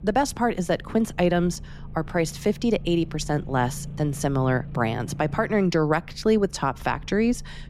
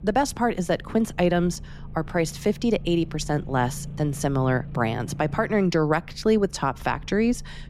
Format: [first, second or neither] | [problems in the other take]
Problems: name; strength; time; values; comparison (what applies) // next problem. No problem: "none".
neither | low rumble; faint; throughout; 25 dB below the speech; the same in both